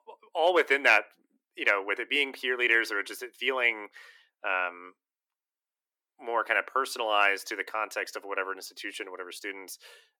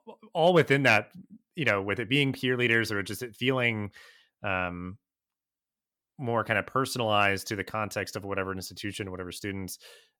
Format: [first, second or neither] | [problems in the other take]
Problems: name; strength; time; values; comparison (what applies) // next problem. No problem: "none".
second | thin; very; fading below 350 Hz